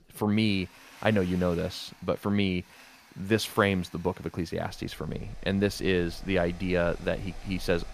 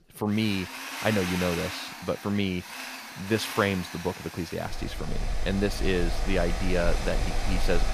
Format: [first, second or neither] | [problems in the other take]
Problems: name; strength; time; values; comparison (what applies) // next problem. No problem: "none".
first | machinery noise; loud; throughout; 5 dB below the speech; faint in the first